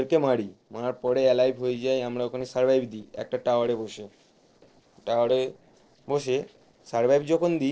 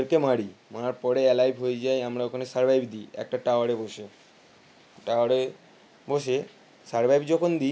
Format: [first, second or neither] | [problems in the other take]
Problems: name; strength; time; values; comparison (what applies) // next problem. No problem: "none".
second | noise reduction (neural separator model SepFormer DNS4)